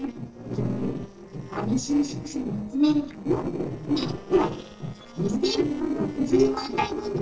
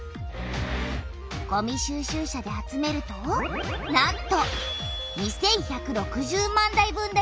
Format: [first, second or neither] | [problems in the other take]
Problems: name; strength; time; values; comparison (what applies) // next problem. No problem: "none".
second | noise reduction (neural separator model SepFormer DNS4)